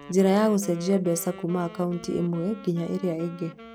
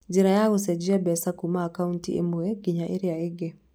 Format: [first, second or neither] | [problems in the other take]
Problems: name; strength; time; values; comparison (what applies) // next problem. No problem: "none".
second | background sound (Wind instrument, woodwind instrument); 18 dB below the speech